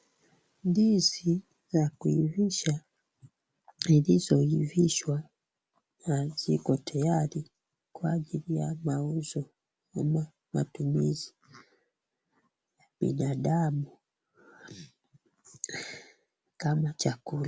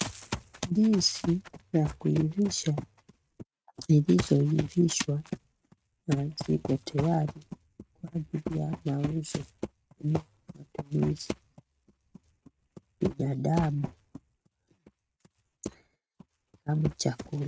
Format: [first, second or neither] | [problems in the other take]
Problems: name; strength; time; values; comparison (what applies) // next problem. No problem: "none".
first | noise reduction (neural mask model RNNoise)